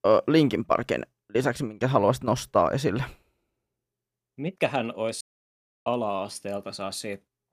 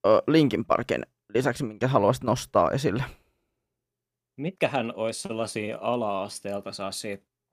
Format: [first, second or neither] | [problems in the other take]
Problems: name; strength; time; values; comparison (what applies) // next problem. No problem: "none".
second | audio cutting out; at 5 s for 0.5 s